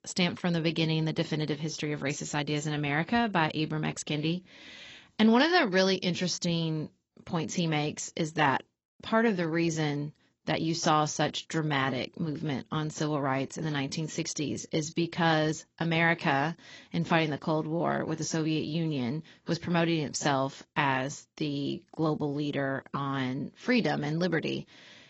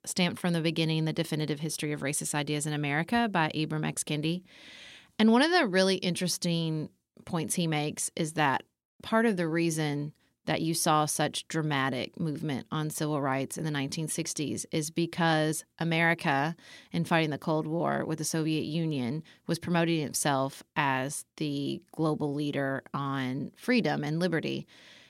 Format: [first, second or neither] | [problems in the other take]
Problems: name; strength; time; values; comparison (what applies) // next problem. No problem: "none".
second | garbled, watery; badly; nothing above 8 kHz